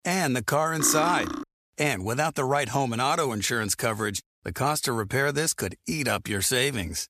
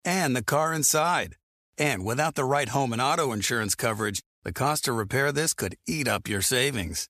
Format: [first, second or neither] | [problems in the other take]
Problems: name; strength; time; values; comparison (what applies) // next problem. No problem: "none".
second | clattering dishes; noticeable; at 1 s; peak 4 dB below the speech